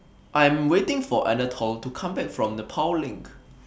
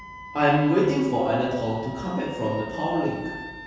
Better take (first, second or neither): first